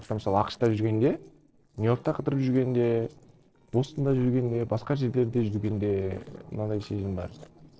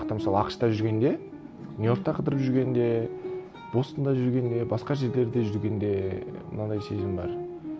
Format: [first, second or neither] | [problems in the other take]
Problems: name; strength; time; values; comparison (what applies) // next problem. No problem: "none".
second | noise reduction (neural separator model SepFormer DNS4)